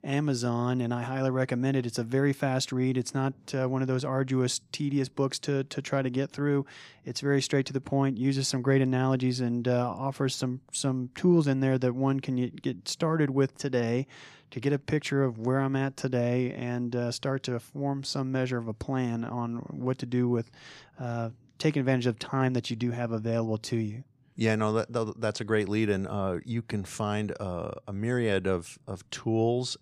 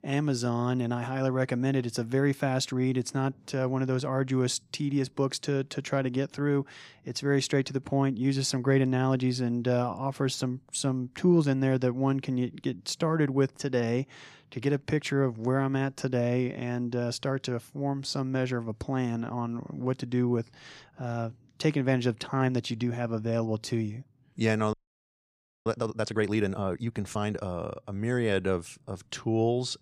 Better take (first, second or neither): first